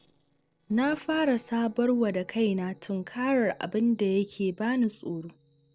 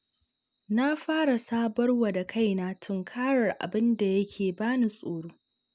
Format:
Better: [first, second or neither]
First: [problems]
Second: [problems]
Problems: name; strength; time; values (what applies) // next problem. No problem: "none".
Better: second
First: noise reduction (neural separator model SepFormer DNS4)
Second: none